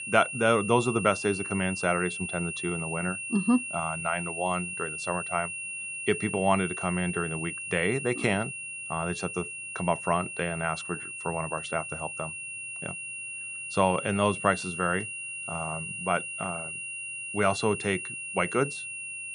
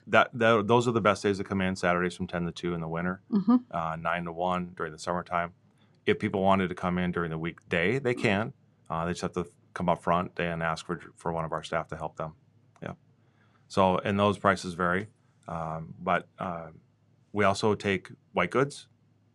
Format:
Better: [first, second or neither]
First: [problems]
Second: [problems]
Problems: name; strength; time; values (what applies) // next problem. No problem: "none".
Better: second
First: high-pitched whine; loud; throughout; 2.5 kHz, 5 dB below the speech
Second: none